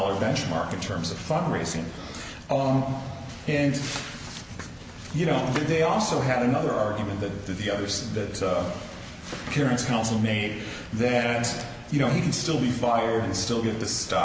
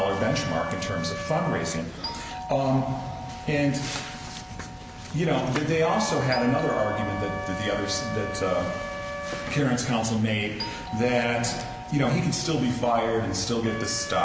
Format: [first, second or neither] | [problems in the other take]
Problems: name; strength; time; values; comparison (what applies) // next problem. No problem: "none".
first | background sound (Doorbell + Wind instrument, woodwind instrument); 10 dB below the speech